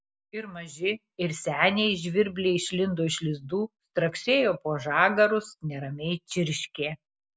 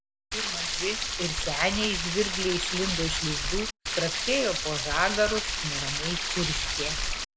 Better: first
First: none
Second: background sound (Stream); 1 dB above the speech

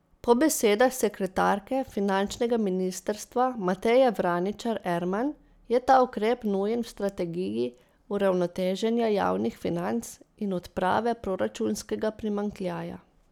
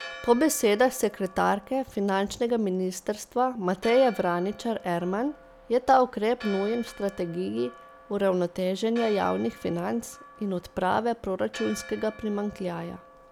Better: first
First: none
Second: background sound (Church bell); 19 dB below the speech

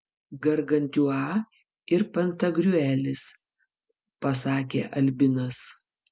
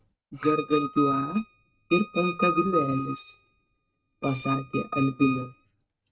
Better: first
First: none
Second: noise reduction (neural mask model RNNoise)

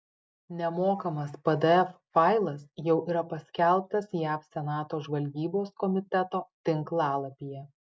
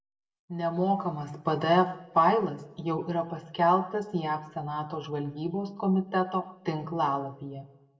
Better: first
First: none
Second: room echo; dies away in 0.7 s

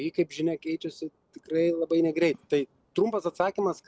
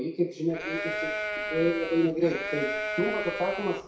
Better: first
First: none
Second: background sound (Livestock, farm animals, working animals); 4 dB below the speech // room echo; dies away in 0.6 s

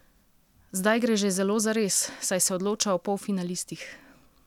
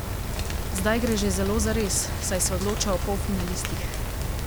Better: first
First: none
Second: background sound (Rain); as loud as the speech

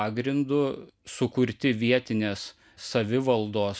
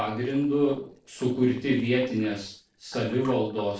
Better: first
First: none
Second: noise reduction (neural separator model SepFormer DNS4)

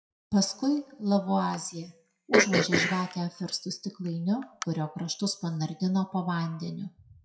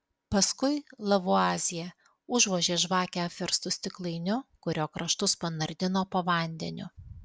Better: second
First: noise reduction (classical method WPE with log-MMSE)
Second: none

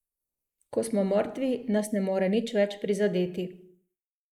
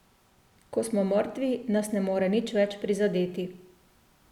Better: second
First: noise reduction (neural mask model Resemble Enhance denoiser)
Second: none

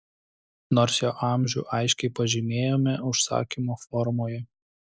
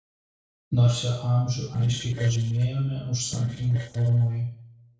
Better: first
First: none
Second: noise reduction (neural separator model SepFormer DNS4)

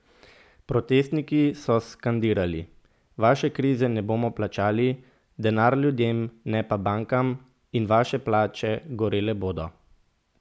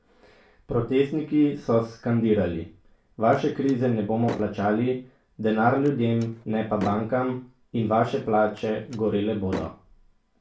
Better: first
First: none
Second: background sound (Slam); 16 dB below the speech // room echo; dies away in 0.3 s

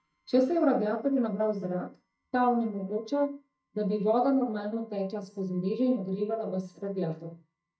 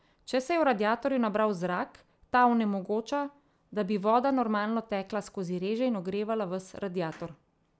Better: second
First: noise reduction (neural mask model DeepFilterNet 3)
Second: none

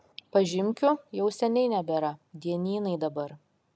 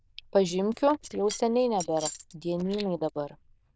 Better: first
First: none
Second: noise reduction (neural diffusion model UNIVERSE++)

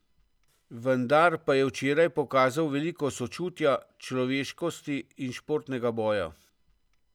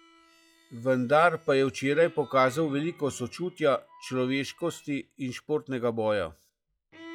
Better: first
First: none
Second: noise reduction (classical method log-MMSE)

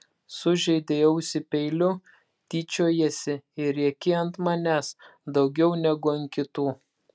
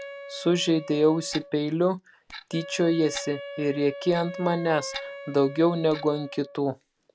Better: first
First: none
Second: background sound (Wind instrument, woodwind instrument + Clock); 14 dB below the speech

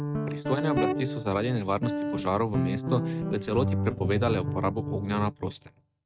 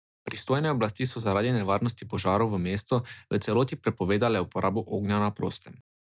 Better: second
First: noise reduction (neural mask model RNNoise)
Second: none

